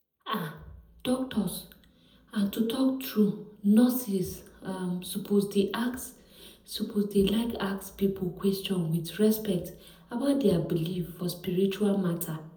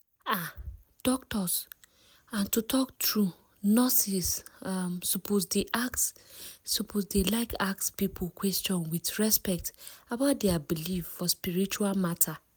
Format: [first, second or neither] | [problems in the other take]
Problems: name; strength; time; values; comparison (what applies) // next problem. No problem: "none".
second | room echo; dies away in 0.8 s